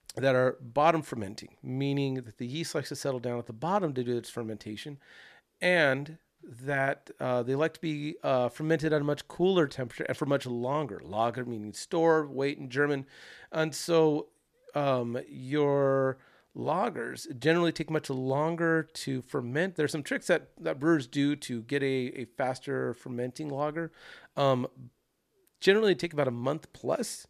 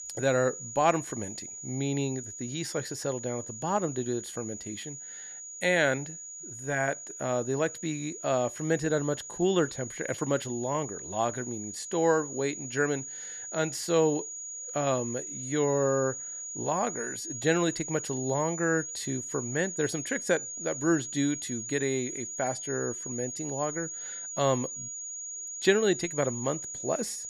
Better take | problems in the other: first | high-pitched whine; loud; throughout; 7 kHz, 7 dB below the speech

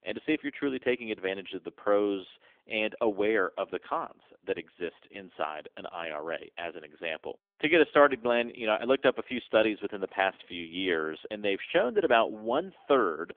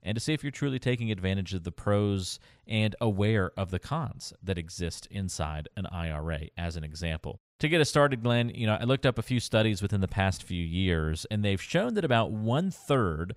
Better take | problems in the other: second | phone-call audio; nothing above 3.5 kHz

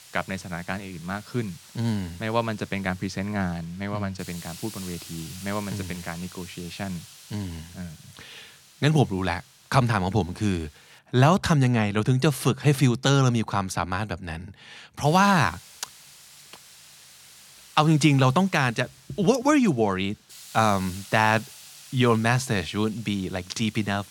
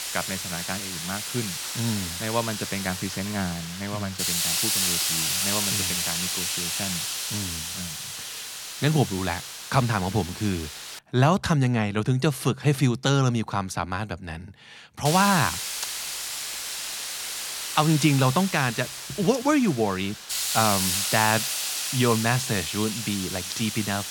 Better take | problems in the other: first | hiss; loud; until 11 s and from 15 s on; 2 dB below the speech; faint in the first

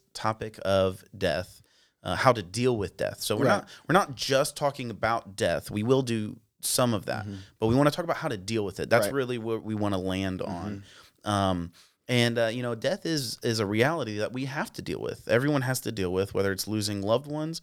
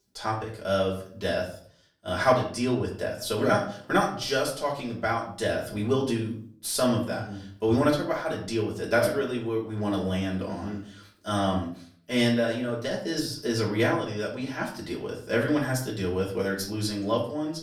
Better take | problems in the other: first | off-mic speech; far // room echo; slight; dies away in 0.4 s

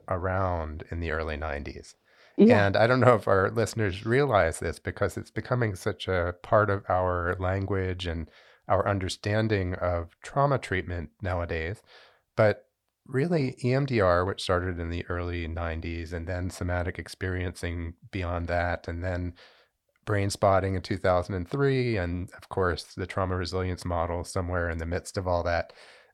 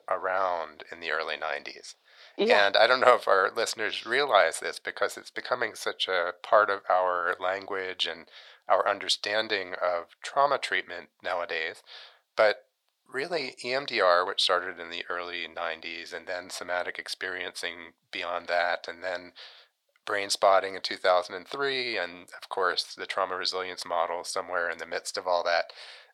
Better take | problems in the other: first | thin; very; fading below 700 Hz

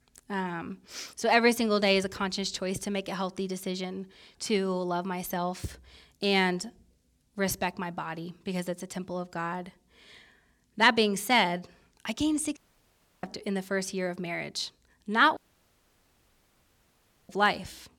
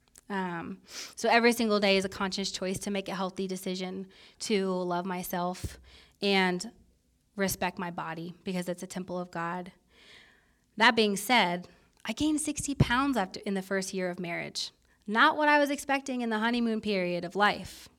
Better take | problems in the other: second | audio cutting out; at 13 s for 0.5 s and at 15 s for 2 s

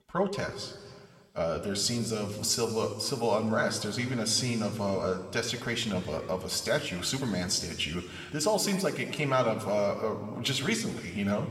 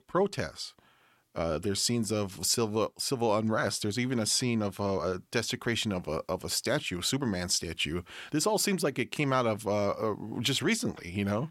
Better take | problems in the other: second | room echo; slight; dies away in 1.6 s

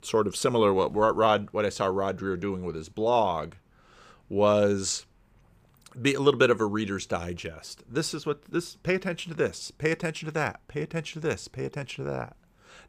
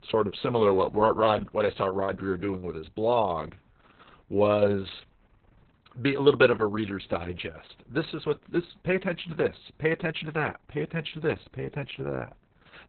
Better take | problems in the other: first | garbled, watery; badly; nothing above 4 kHz

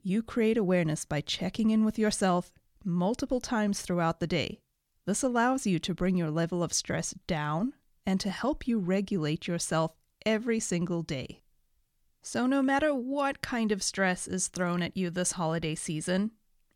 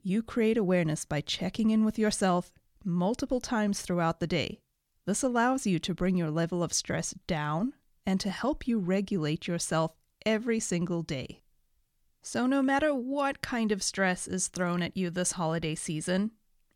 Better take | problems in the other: neither | none

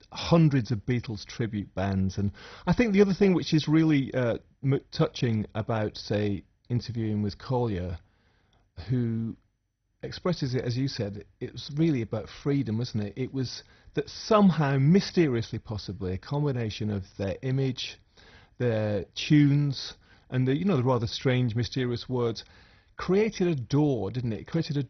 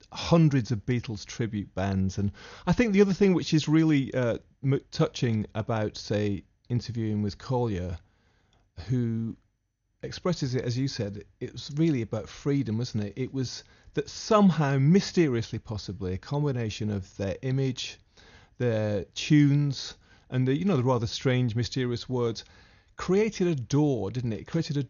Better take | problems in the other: second | garbled, watery; badly; nothing above 6 kHz; slightly in the second

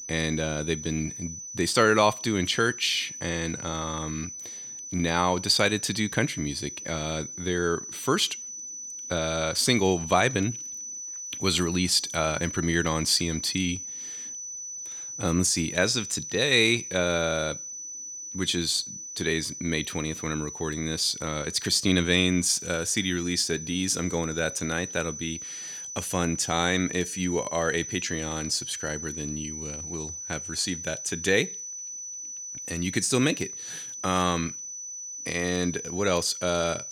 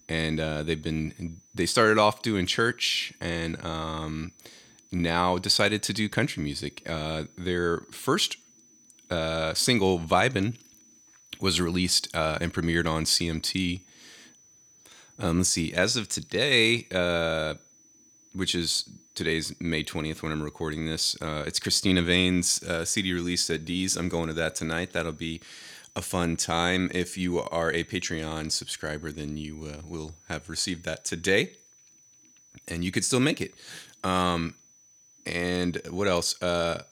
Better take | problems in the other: second | high-pitched whine; loud; throughout; 6 kHz, 9 dB below the speech; faint in the second

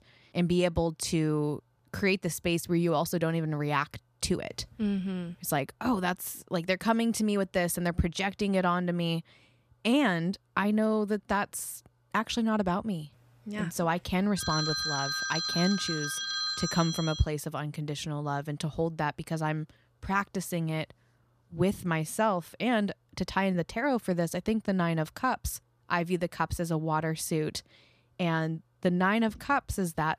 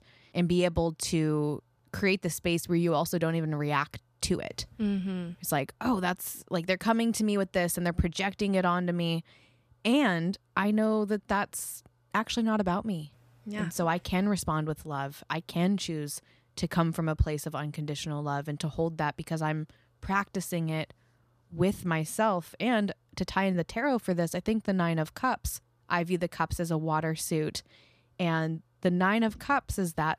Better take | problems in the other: second | phone ringing; loud; from 14 to 17 s; peak 1 dB above the speech

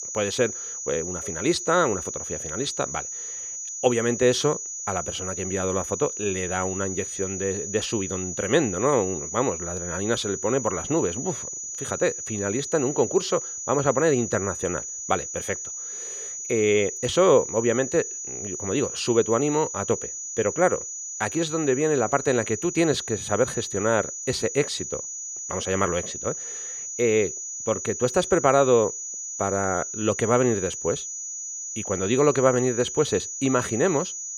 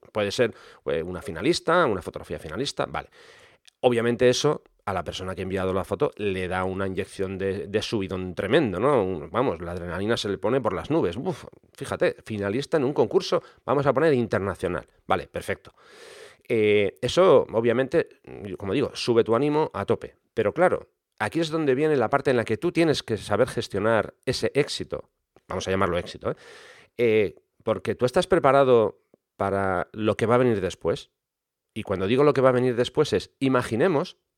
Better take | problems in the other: second | high-pitched whine; loud; throughout; 6.5 kHz, 6 dB below the speech

